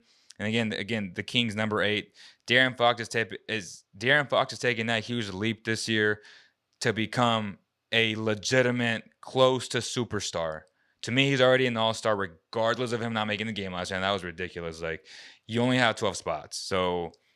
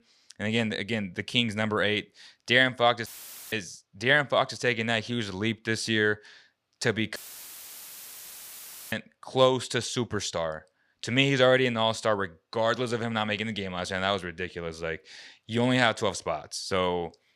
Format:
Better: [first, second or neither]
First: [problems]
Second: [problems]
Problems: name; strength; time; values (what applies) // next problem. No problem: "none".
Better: first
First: none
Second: audio cutting out; filled with static; at 3 s and at 7 s for 2 s